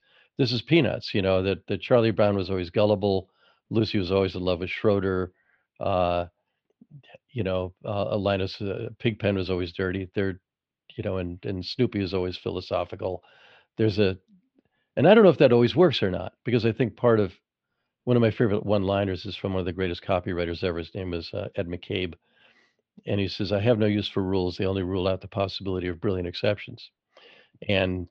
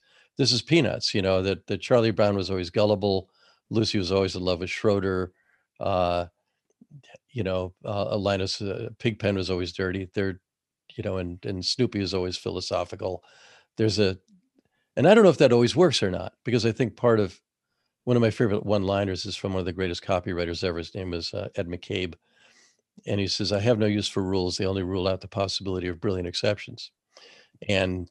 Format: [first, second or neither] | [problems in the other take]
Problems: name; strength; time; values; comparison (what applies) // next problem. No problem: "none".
second | muffled; slightly; fading above 3.5 kHz